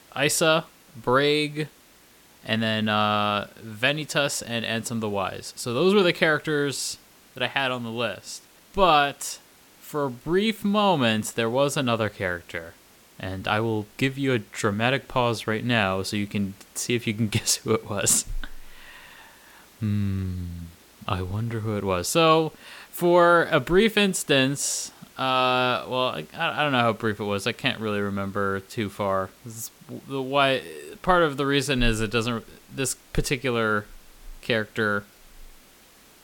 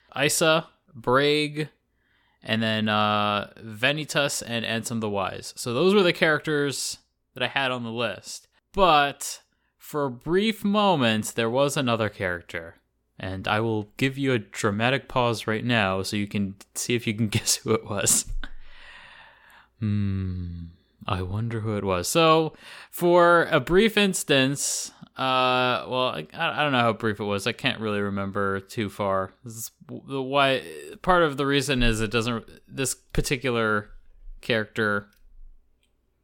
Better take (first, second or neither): second